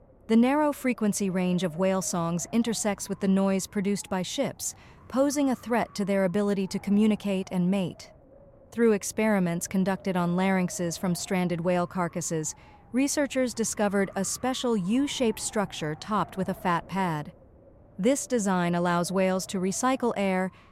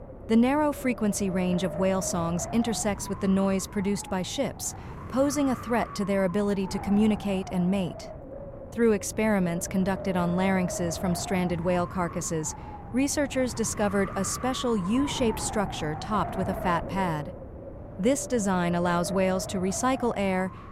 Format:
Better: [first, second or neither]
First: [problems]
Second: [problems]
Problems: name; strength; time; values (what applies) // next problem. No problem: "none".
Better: first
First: wind noise on the microphone; occasional gusts; 25 dB below the speech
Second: wind noise on the microphone; heavy; 9 dB below the speech